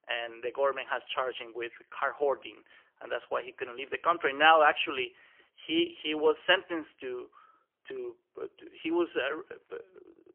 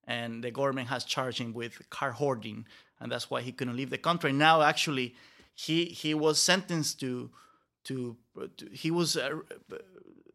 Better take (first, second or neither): second